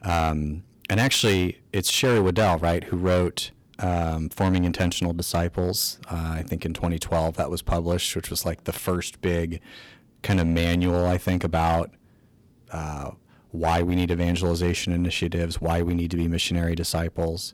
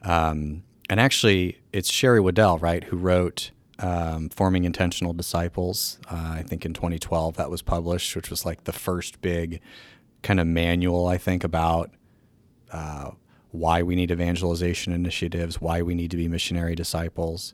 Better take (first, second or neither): second